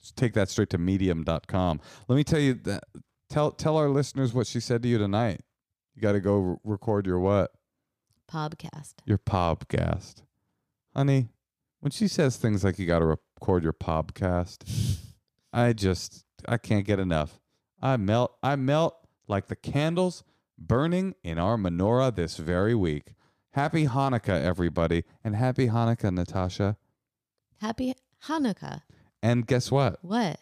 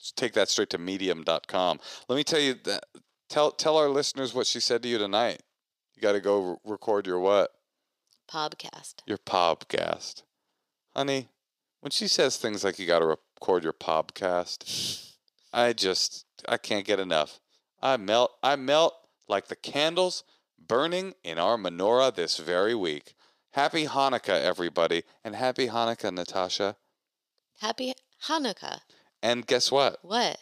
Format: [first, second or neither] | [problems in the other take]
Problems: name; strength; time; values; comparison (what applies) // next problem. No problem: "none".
first | thin; somewhat; fading below 500 Hz